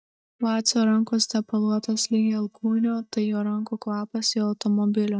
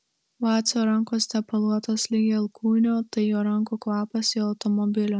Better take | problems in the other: second | noise reduction (neural mask model DeepFilterNet 3)

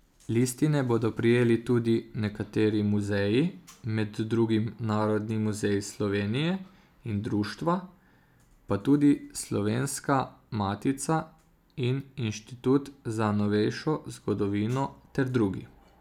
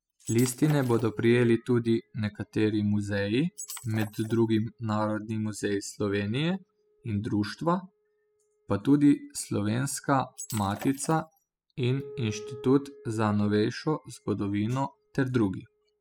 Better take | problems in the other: first | noise reduction (classical method spectral subtraction)

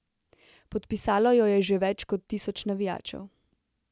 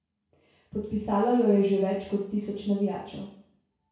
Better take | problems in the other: first | room echo; dies away in 0.6 s

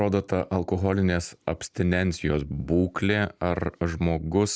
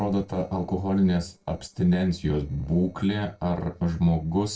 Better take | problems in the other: first | noise reduction (neural separator model SepFormer DNS4)

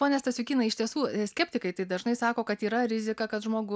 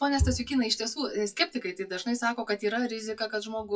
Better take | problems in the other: first | noise reduction (classical method WPE with log-MMSE)

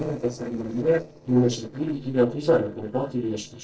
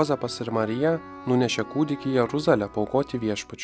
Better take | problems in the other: second | noise reduction (neural separator model SepFormer DNS4)

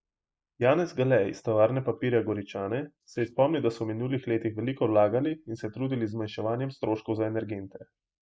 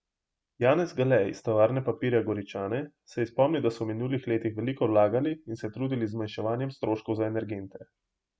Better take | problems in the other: second | noise reduction (neural mask model Resemble Enhance denoiser)

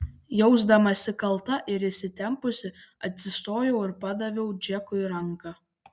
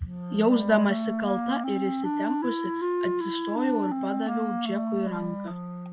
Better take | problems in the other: first | background sound (Wind instrument, woodwind instrument); 1 dB below the speech

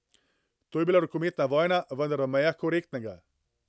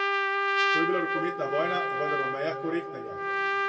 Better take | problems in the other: first | background sound (Trumpet); 5 dB above the speech // room echo; dies away in 1.9 s

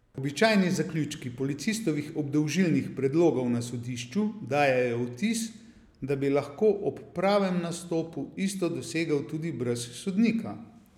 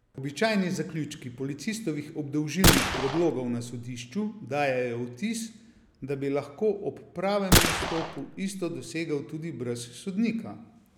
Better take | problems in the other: first | background sound (Gunshot, gunfire); 4 dB above the speech

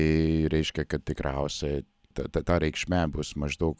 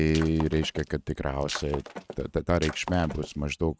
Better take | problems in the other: first | noise reduction (neural mask model RNNoise)

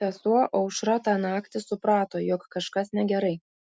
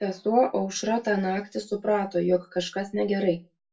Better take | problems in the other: first | room echo; dies away in 0.2 s

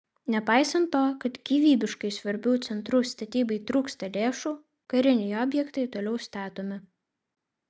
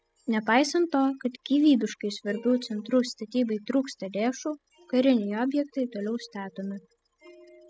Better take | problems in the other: first | noise reduction (classical method spectral subtraction)

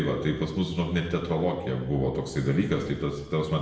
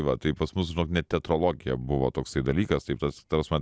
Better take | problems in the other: second | room echo; dies away in 1 s

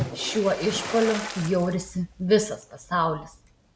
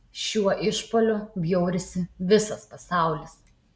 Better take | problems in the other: second | background sound (Splash, splatter); 11 dB below the speech

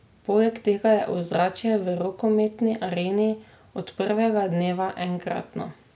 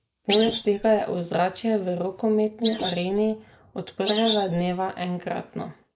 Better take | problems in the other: first | noise reduction (neural mask model Resemble Enhance denoiser)

